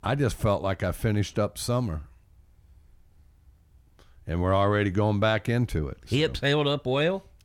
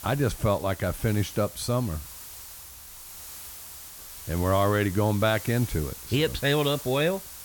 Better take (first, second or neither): first